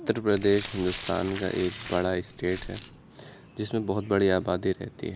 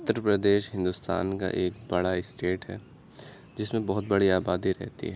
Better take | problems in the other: second | background sound (Glass); 14 dB below the speech

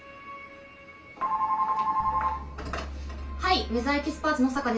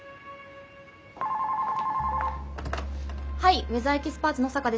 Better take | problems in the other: second | room echo; dies away in 0.3 s

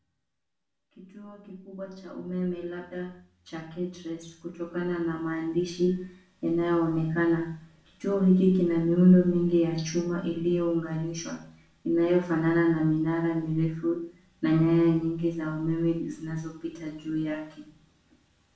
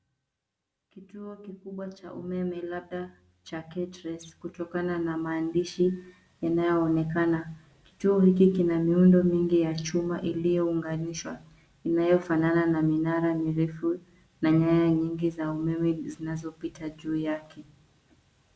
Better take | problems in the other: second | room echo; dies away in 0.4 s

